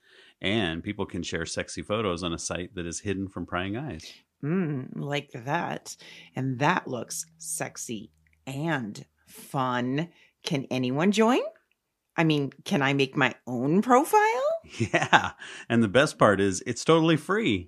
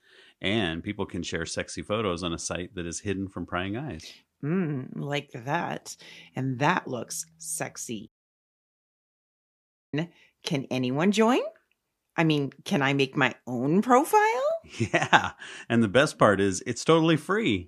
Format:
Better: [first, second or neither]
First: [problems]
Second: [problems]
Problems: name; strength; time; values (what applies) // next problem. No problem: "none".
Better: first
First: none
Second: audio cutting out; at 8 s for 2 s